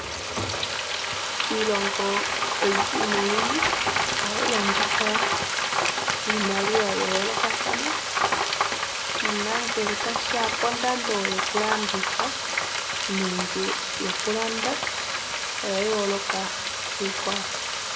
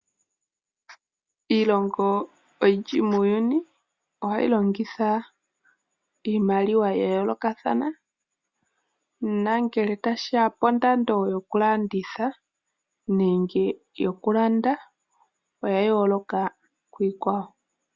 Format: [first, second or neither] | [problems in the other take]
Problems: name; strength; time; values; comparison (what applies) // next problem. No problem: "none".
second | background sound (Frying (food)); 4 dB above the speech // room echo; dies away in 0.5 s